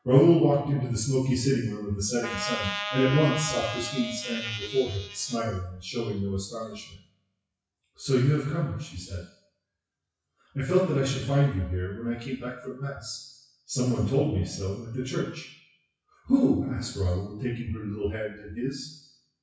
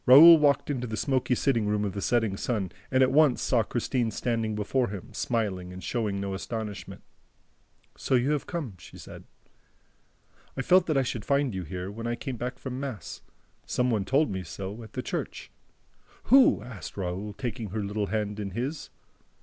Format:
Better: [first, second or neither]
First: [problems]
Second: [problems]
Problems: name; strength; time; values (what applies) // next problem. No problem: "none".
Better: second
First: noise reduction (classical method WPE with log-MMSE)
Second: none